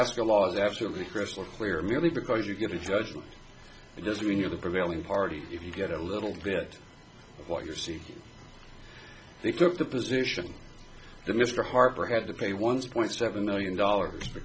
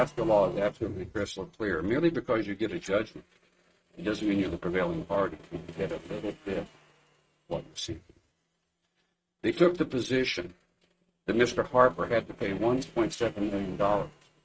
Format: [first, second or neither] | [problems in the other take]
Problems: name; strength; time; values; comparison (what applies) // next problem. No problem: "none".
first | noise reduction (neural mask model RNNoise)